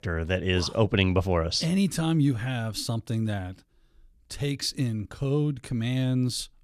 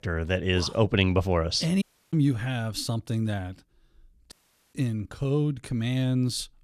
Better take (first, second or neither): first